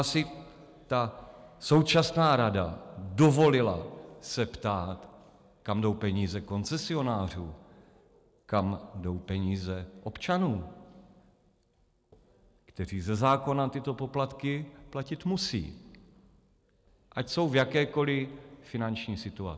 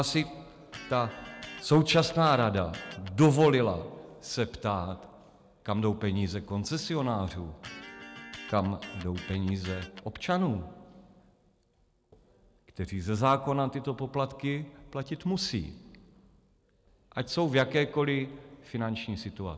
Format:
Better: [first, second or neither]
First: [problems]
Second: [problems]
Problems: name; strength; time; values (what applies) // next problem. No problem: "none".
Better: first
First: none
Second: background sound (Electric guitar); 15 dB below the speech